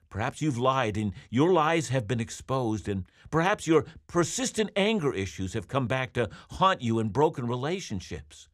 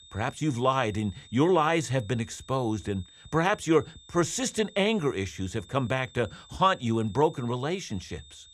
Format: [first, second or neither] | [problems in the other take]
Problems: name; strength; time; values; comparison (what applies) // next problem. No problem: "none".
first | high-pitched whine; faint; throughout; 3.5 kHz, 25 dB below the speech